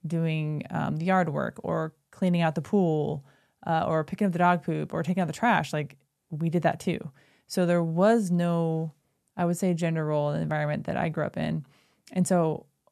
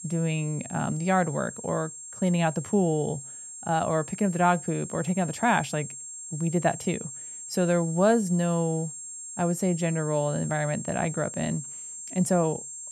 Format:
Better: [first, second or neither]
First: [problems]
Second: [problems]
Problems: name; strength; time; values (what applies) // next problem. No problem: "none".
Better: first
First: none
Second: high-pitched whine; noticeable; throughout; 7.5 kHz, 10 dB below the speech